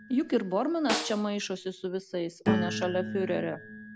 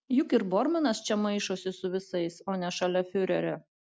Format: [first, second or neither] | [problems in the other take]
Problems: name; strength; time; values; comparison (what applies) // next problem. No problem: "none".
second | background sound (Snare drum + Piano); 4 dB below the speech